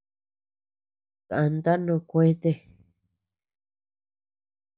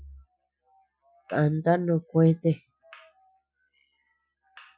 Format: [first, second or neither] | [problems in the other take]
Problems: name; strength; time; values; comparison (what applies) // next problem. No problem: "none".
first | noise reduction (classical method Wiener filter)